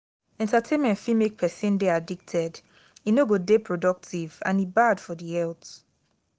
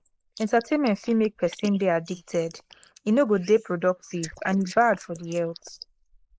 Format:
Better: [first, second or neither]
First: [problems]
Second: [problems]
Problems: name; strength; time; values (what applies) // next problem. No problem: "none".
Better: first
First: none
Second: noise reduction (neural mask model Resemble Enhance denoiser)